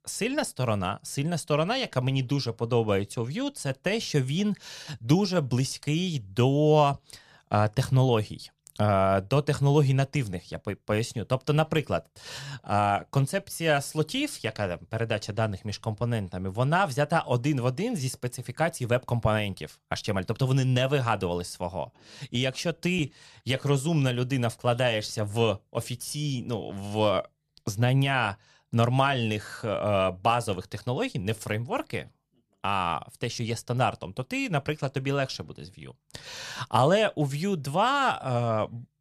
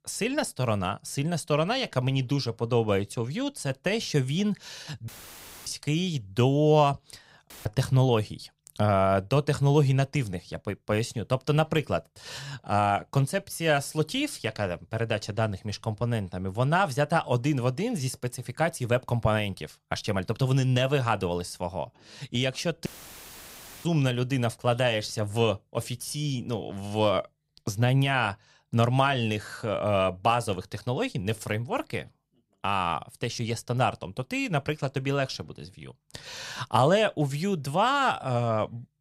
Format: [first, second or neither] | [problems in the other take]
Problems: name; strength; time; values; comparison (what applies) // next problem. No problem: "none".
first | audio cutting out; filled with static; at 5 s for 0.5 s, at 7.5 s and at 23 s for 1 s